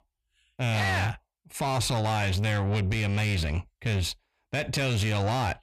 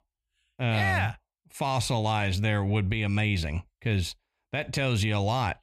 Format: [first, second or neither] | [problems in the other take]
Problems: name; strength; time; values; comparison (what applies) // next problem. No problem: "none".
second | distortion; slight; 10 dB below the speech